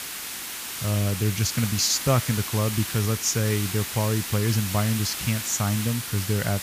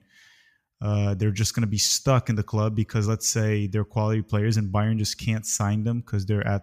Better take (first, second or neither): second